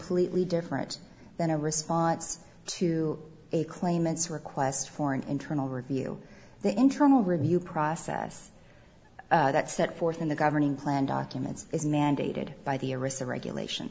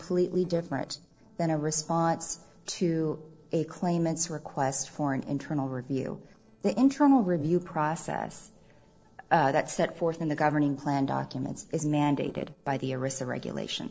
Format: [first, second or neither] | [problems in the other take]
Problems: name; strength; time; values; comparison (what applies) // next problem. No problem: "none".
first | noise reduction (neural separator model SepFormer DNS4)